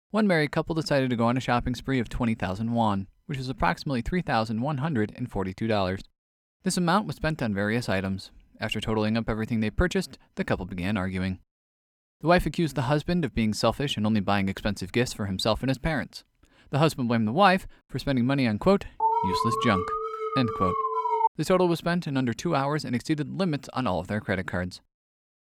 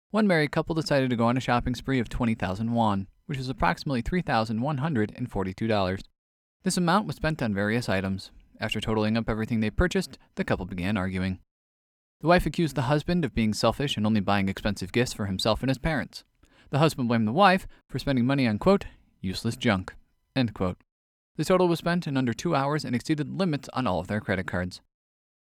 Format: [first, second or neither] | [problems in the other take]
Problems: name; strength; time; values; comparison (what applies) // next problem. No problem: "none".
second | alarm; loud; from 19 to 21 s; peak 2 dB above the speech